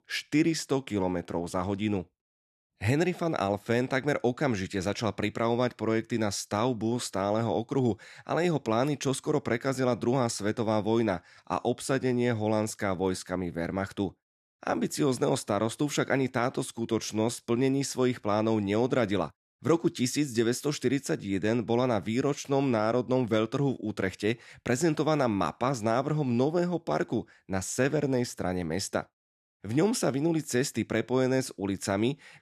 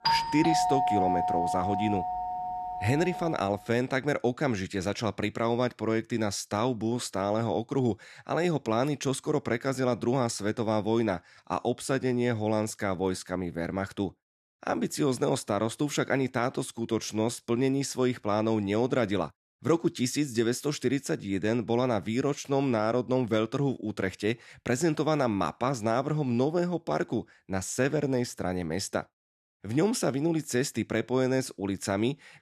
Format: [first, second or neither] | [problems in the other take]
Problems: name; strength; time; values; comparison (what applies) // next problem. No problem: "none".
first | doorbell; loud; until 3.5 s; peak 3 dB above the speech